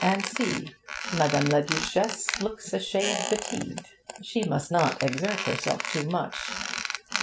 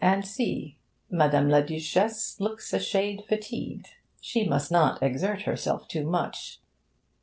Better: second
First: background sound (Squeak); 5 dB below the speech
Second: none

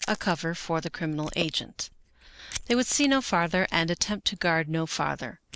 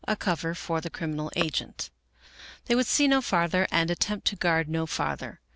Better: second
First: noise reduction (neural mask model Resemble Enhance denoiser)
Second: none

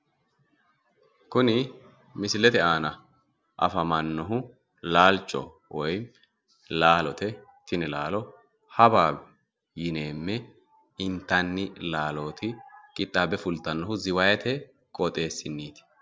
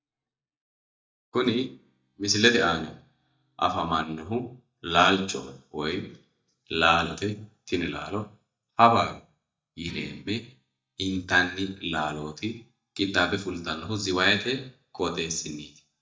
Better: first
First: none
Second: noise reduction (neural mask model DeepFilterNet 3)

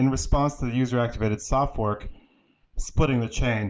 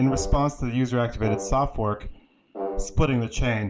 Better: first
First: none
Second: background sound (Brass instrument); 12 dB below the speech

